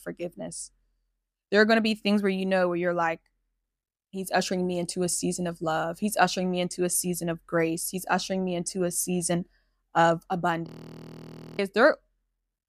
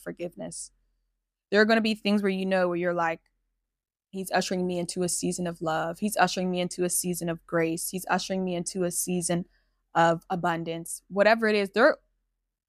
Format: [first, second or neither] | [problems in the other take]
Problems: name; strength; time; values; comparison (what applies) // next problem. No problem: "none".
second | audio freezing; at 11 s for 1 s